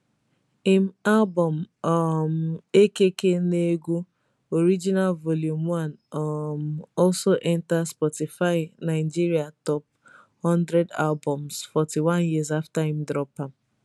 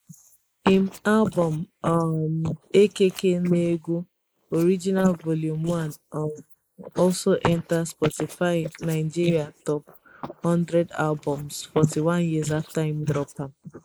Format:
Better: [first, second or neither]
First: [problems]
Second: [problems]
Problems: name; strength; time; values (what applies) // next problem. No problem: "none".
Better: first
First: none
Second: noise reduction (neural mask model Resemble Enhance denoiser)